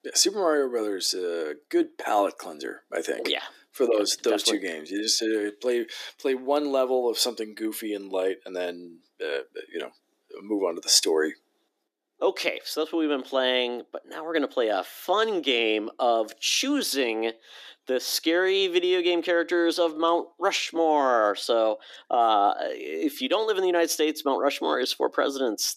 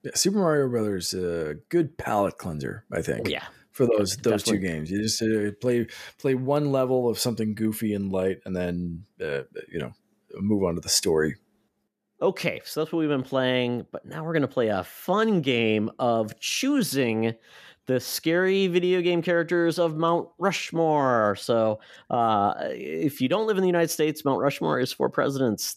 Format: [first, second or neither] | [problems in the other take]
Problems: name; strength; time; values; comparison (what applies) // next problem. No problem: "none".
second | thin; somewhat; fading below 300 Hz